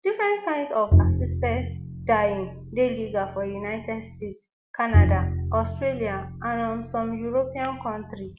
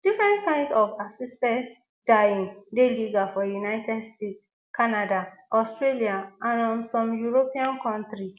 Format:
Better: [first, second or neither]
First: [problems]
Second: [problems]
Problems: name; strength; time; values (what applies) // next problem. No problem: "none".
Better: second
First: background sound (Bowed string instrument); 1 dB above the speech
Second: none